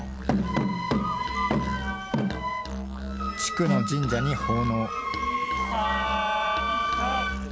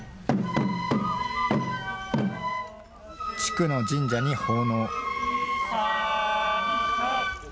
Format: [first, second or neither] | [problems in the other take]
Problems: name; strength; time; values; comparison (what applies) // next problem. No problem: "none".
second | background sound (Musical instrument); 7 dB below the speech